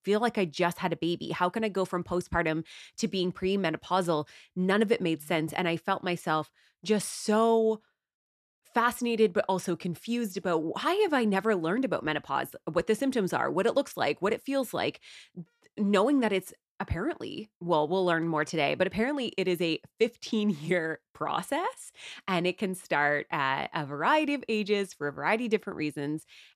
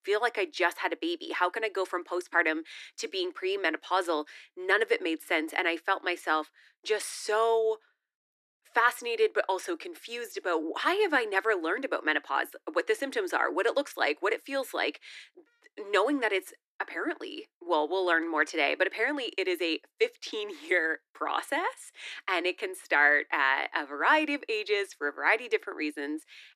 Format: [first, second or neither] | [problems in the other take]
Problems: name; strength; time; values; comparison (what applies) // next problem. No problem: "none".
first | thin; somewhat; fading below 300 Hz